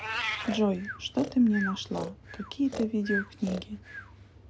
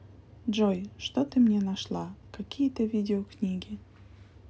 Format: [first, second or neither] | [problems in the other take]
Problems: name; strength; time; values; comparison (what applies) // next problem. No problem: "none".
second | background sound (Meow + Breathing); 8 dB below the speech